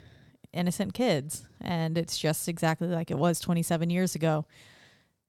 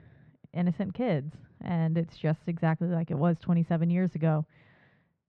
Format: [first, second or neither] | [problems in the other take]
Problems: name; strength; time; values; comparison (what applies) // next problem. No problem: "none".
first | muffled; very; fading above 2.5 kHz